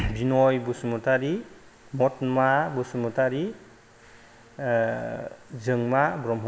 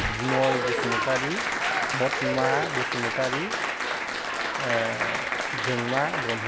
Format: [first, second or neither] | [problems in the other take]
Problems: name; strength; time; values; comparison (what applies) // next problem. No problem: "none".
first | background sound (Applause); 2 dB above the speech